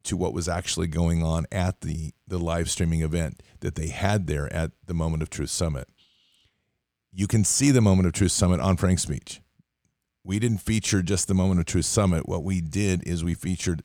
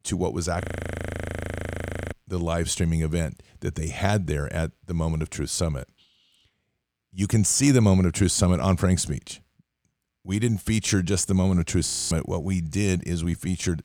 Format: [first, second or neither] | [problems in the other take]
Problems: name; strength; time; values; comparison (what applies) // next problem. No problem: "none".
first | audio freezing; at 0.5 s for 1.5 s and at 12 s